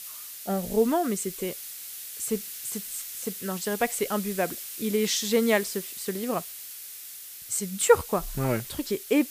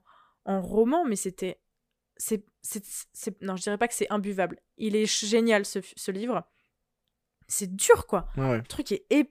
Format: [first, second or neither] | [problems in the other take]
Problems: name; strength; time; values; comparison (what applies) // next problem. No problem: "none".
second | hiss; loud; throughout; 9 dB below the speech